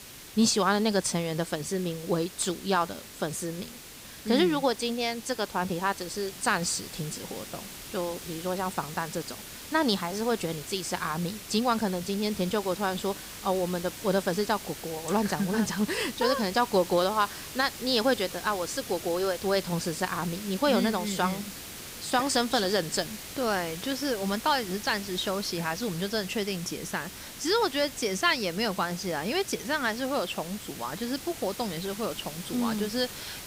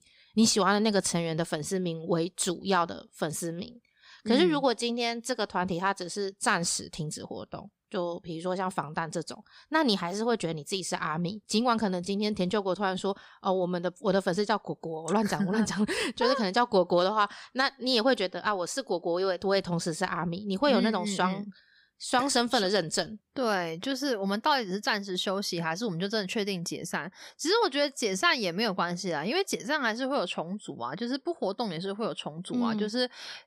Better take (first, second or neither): second